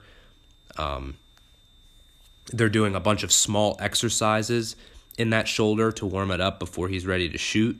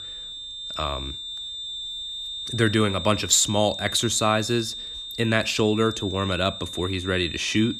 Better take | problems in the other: first | high-pitched whine; loud; throughout; 3.5 kHz, 8 dB below the speech; faint in the first

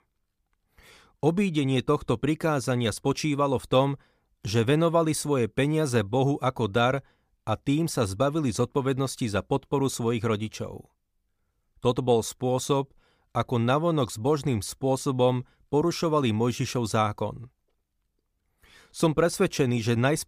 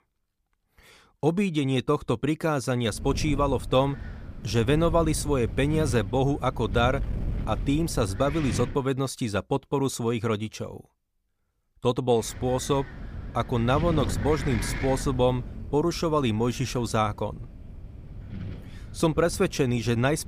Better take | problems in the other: first | wind noise on the microphone; occasional gusts; from 3 to 8.5 s and from 12 s on; 15 dB below the speech

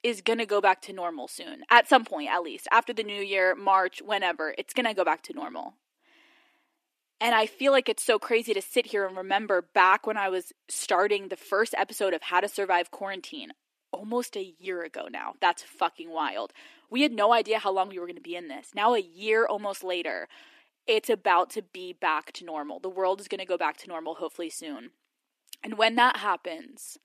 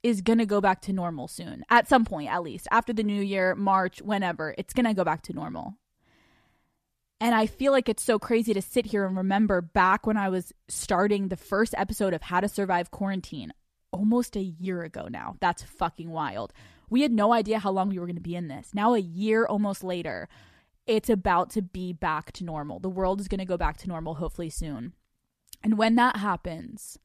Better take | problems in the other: second | thin; somewhat; fading below 300 Hz

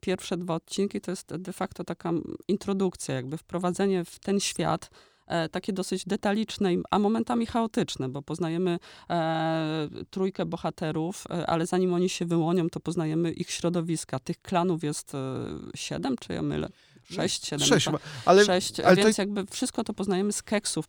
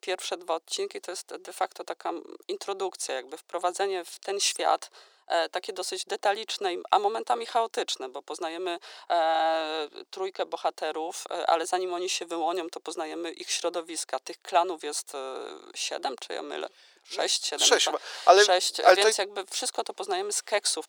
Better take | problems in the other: first | thin; very; fading below 400 Hz

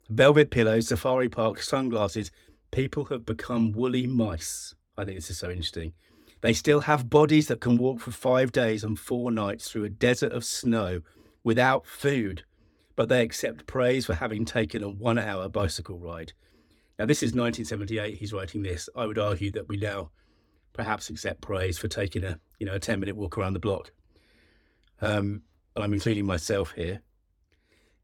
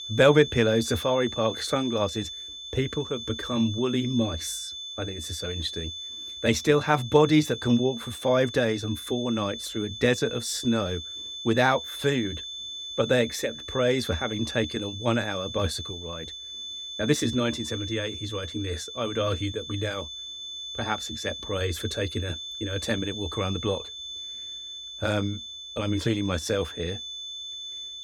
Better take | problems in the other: first | high-pitched whine; loud; throughout; 3.5 kHz, 8 dB below the speech

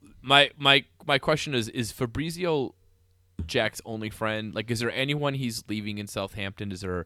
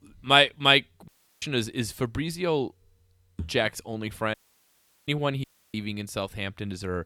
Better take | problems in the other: first | audio cutting out; at 1 s, at 4.5 s for 0.5 s and at 5.5 s

